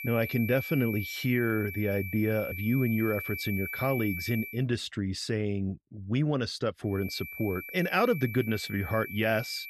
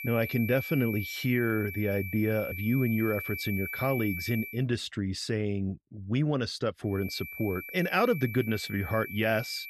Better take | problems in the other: neither | high-pitched whine; loud; until 4.5 s and from 7 s on; 2.5 kHz, 8 dB below the speech; the same in both

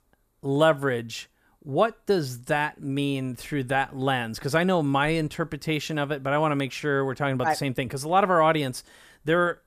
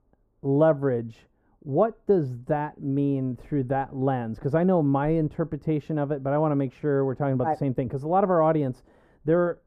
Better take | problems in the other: first | muffled; very; fading above 1.5 kHz

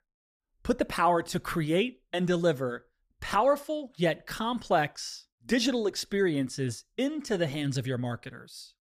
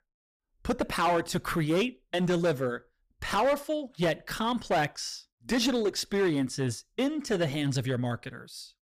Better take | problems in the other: first | distortion; slight; 7% of the sound clipped

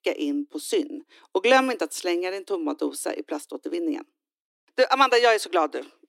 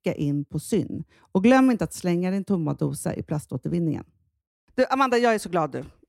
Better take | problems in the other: second | thin; somewhat; fading below 300 Hz

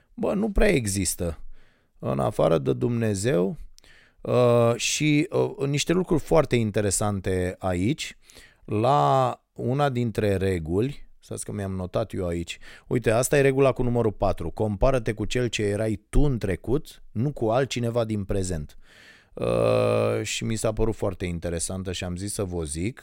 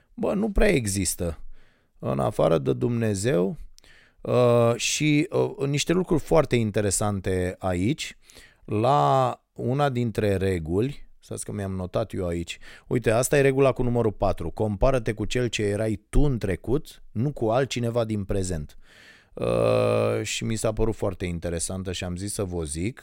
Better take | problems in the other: neither | none

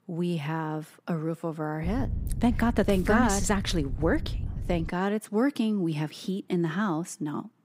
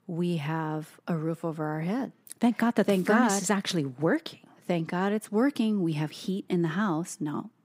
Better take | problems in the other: second | wind noise on the microphone; occasional gusts; from 2 to 5 s; 20 dB below the speech

